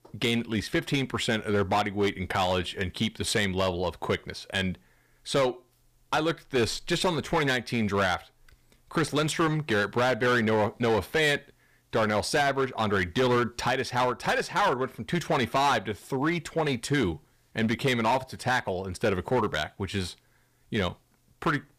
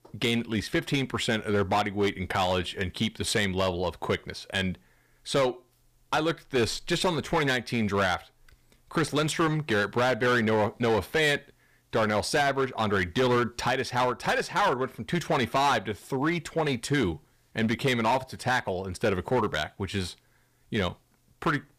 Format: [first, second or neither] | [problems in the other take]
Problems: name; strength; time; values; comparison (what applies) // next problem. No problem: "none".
neither | distortion; slight; 9% of the sound clipped; the same in both